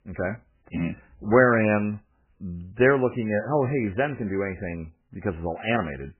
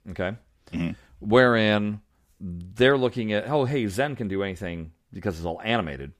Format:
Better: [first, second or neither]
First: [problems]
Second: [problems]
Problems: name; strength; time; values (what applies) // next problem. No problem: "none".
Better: second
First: garbled, watery; badly; nothing above 2.5 kHz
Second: none